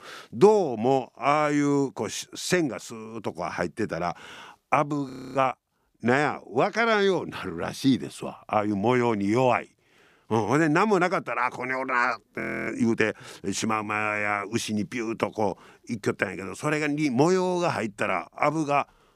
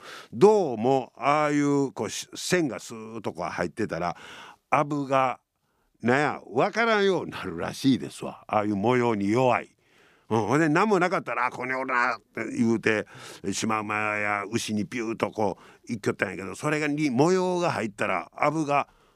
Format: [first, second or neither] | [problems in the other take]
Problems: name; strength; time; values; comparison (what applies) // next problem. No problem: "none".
second | audio freezing; at 5 s and at 12 s